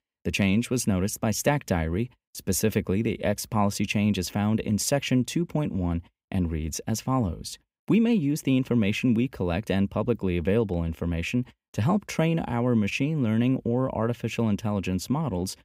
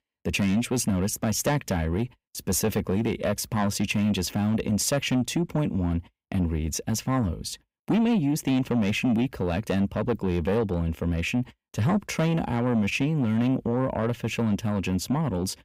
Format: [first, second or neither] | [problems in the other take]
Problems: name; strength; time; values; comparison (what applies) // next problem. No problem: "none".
first | distortion; slight; 10 dB below the speech